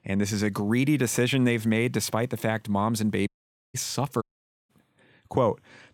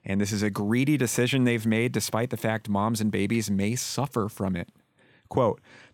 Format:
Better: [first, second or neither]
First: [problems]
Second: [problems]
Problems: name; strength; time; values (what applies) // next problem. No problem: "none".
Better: second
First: audio cutting out; at 3.5 s and at 4 s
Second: none